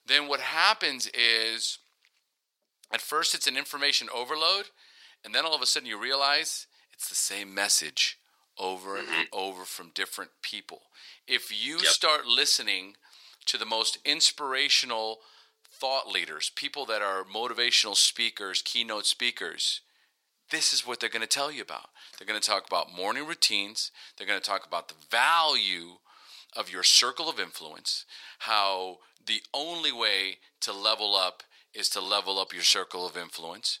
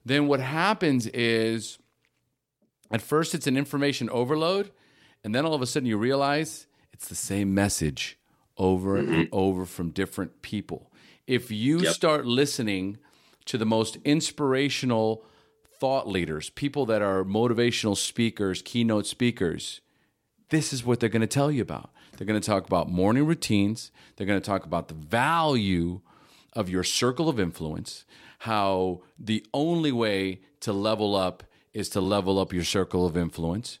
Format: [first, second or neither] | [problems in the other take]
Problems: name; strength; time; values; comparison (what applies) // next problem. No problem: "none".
second | thin; very; fading below 950 Hz